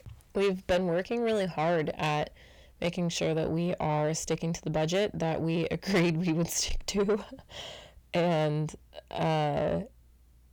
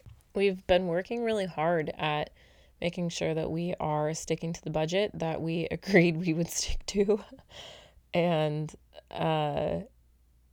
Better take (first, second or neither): second